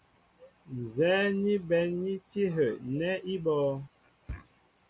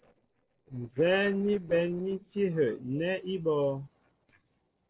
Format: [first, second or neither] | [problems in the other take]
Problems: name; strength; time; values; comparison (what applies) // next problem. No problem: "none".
first | noise reduction (neural separator model SepFormer DNS4)